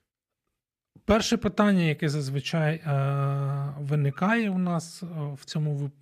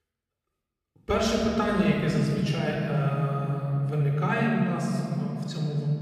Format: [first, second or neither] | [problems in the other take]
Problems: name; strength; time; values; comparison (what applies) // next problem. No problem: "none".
first | off-mic speech; somewhat distant // room echo; noticeable; dies away in 3 s